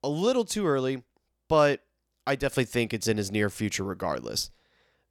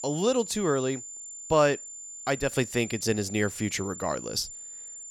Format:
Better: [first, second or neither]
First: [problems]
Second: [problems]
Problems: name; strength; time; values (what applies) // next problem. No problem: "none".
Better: first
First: none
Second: high-pitched whine; noticeable; throughout; 7 kHz, 10 dB below the speech